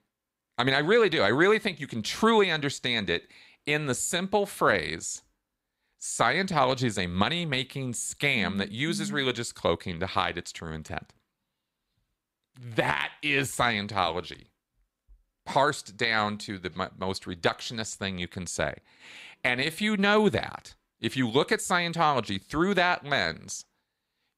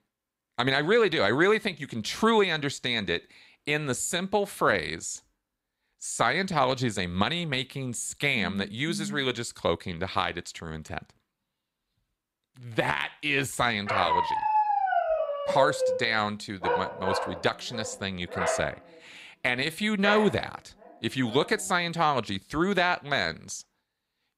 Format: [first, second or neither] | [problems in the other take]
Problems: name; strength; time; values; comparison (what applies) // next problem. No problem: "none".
first | dog barking; loud; from 14 to 21 s; peak 3 dB above the speech